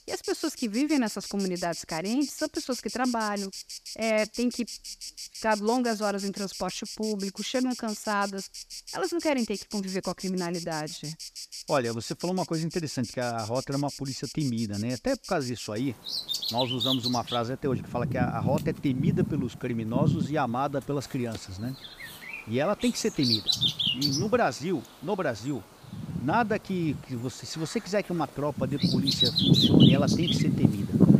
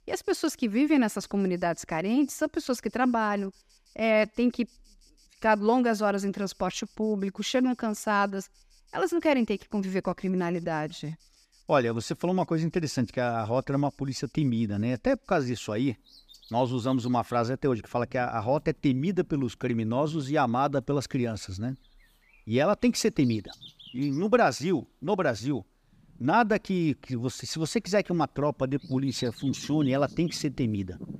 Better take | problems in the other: second | animal sounds; loud; throughout; as loud as the speech; faint in the second

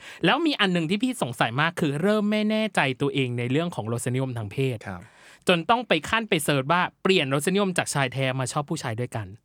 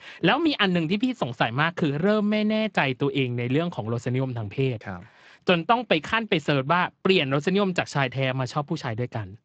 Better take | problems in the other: first | garbled, watery; slightly; nothing above 7.5 kHz

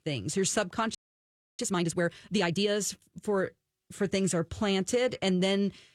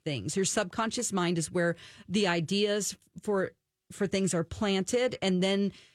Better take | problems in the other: second | audio freezing; at 1 s for 0.5 s

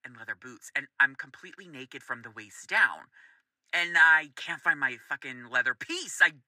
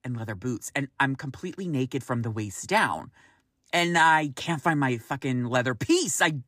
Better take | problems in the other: second | thin; very; fading below 1 kHz

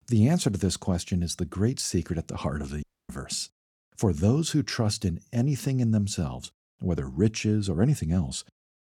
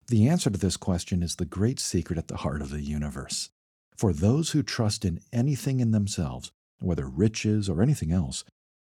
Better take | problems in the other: second | audio cutting out; at 3 s

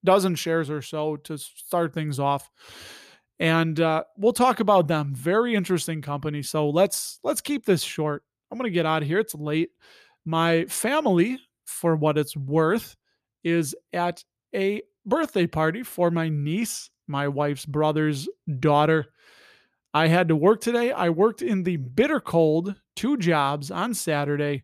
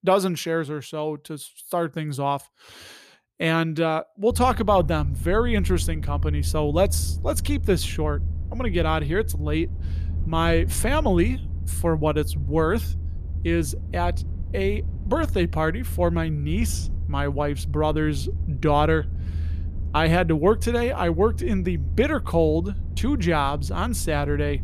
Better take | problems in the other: first | low rumble; faint; from 4.5 s on; 20 dB below the speech

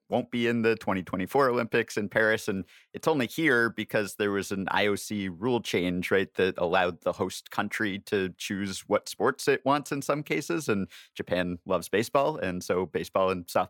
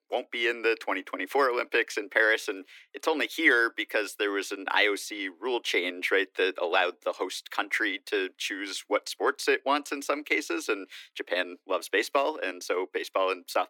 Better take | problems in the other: first | thin; somewhat; fading below 300 Hz

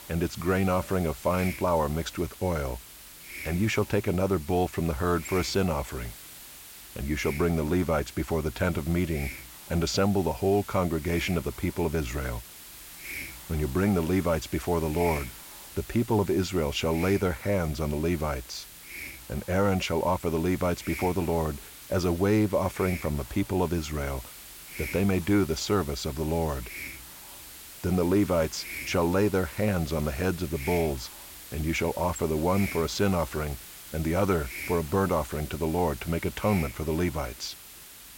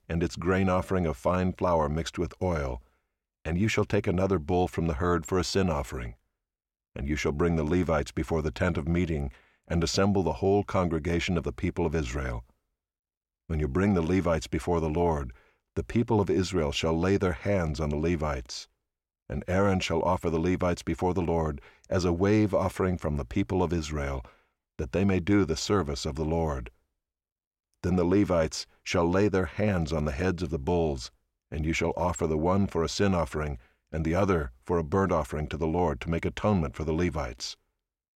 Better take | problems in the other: second | hiss; noticeable; throughout; 15 dB below the speech

